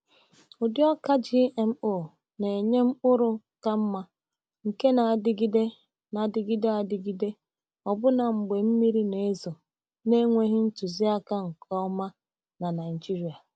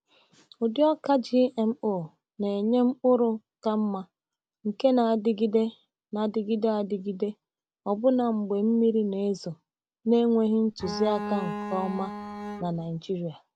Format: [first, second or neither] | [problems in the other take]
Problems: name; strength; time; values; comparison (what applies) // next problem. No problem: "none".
first | background sound (Bowed string instrument); 8 dB below the speech